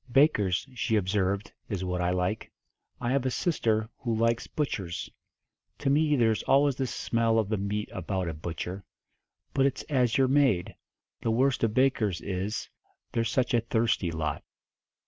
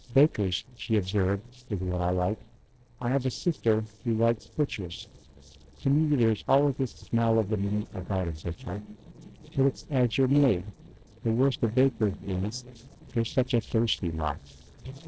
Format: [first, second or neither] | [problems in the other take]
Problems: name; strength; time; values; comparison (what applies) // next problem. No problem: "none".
first | noise reduction (neural separator model SepFormer DNS4)